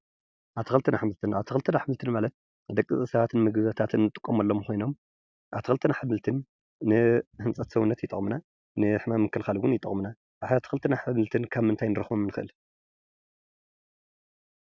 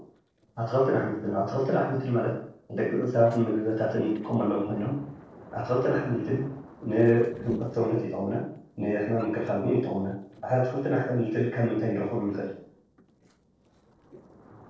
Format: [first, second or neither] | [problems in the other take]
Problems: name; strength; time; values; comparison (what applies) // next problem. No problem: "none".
first | noise reduction (neural separator model SepFormer DNS4)